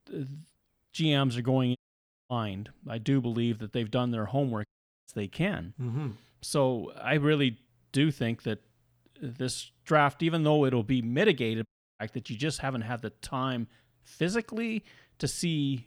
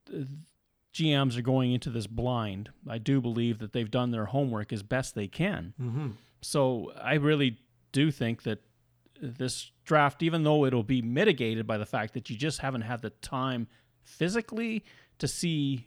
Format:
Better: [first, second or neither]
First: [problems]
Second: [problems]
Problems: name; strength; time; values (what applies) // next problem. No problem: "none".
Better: second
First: audio cutting out; at 2 s for 0.5 s, at 4.5 s and at 12 s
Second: none